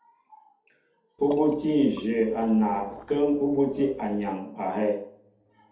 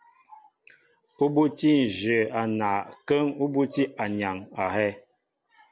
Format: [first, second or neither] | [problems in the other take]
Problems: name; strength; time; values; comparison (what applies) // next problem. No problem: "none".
second | background sound (Water / Liquid); 19 dB below the speech // room echo; dies away in 0.6 s